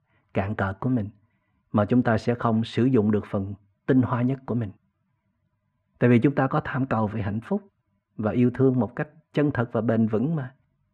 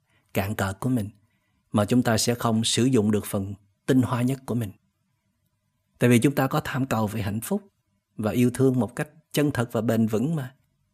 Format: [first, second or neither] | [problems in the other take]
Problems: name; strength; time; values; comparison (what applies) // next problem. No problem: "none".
second | muffled; very; fading above 1.5 kHz